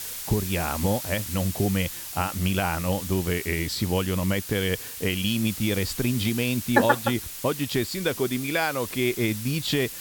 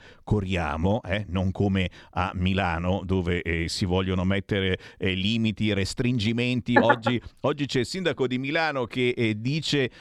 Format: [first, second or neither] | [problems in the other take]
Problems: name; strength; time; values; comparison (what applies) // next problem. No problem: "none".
second | hiss; loud; throughout; 8 dB below the speech